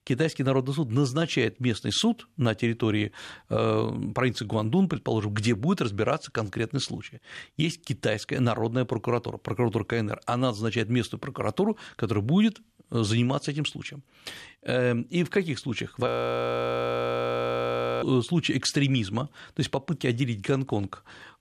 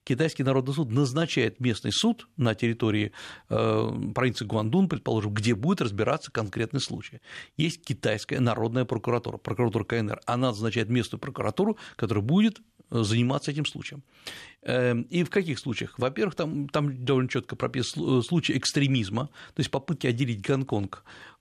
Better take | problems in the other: second | audio freezing; at 16 s for 2 s

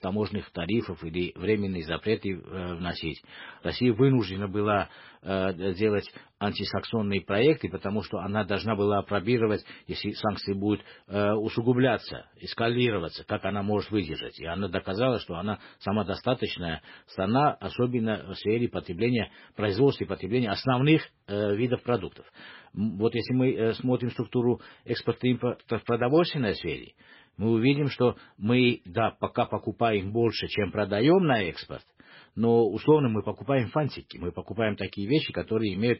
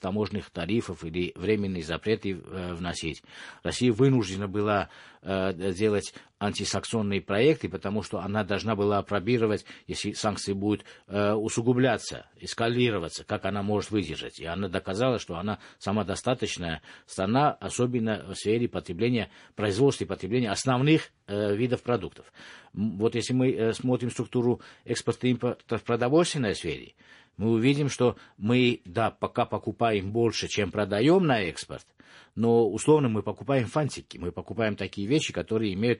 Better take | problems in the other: second | garbled, watery; badly; nothing above 5.5 kHz; slightly in the second

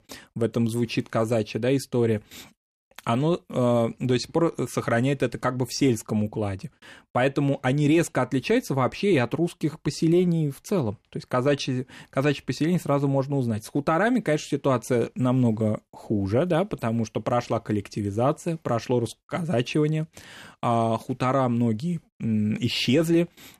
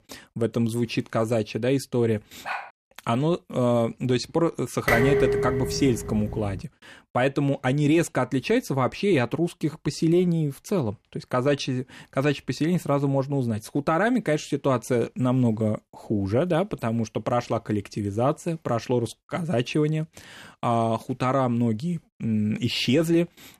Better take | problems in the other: first | dog barking; noticeable; at 2.5 s; peak 8 dB below the speech // clattering dishes; loud; from 5 to 6.5 s; peak 3 dB above the speech

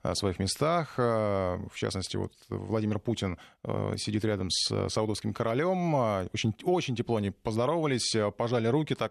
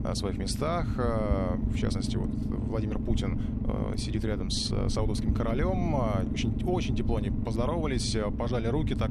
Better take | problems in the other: first | low rumble; loud; throughout; 7 dB below the speech

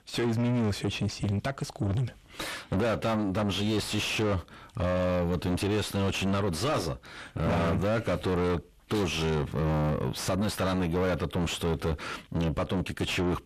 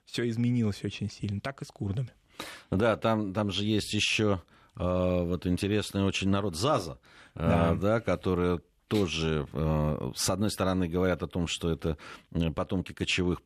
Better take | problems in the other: second | distortion; heavy; 5 dB below the speech

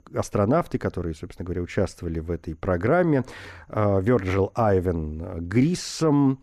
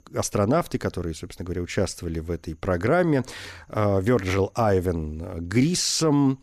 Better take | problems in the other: second | muffled; slightly; fading above 2.5 kHz

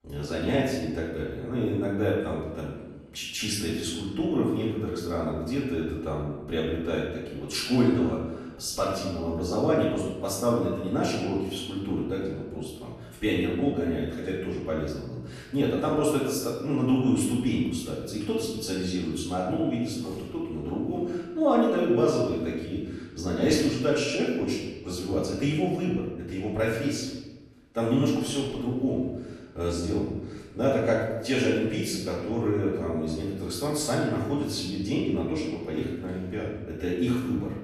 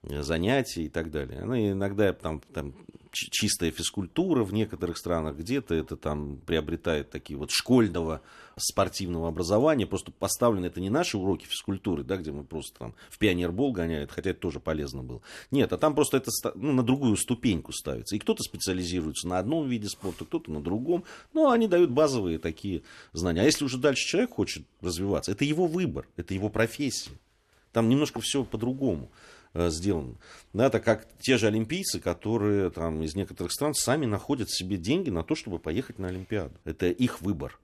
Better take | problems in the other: second | off-mic speech; far // room echo; noticeable; dies away in 1 s

